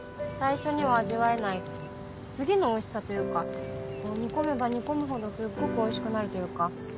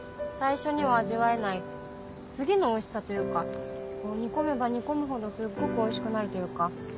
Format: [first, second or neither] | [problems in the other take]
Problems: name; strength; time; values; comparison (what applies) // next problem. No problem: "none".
second | background sound (Bird); 15 dB below the speech